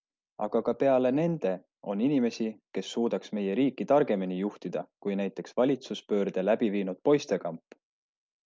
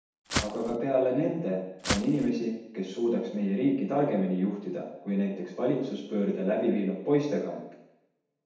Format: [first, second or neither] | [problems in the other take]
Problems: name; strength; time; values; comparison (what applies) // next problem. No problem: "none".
first | background sound (Walk, footsteps); 4 dB below the speech // room echo; dies away in 0.8 s